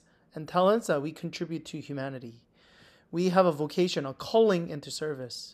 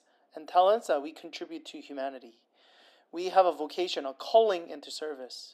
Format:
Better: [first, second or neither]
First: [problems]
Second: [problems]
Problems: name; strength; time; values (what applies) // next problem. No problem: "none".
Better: first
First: none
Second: thin; very; fading below 250 Hz